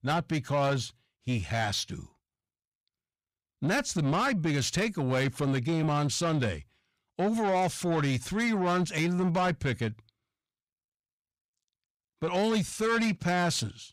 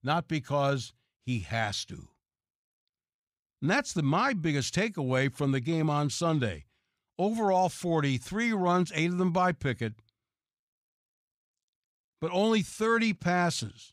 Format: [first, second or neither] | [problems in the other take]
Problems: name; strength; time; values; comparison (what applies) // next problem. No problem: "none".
second | distortion; slight; 10 dB below the speech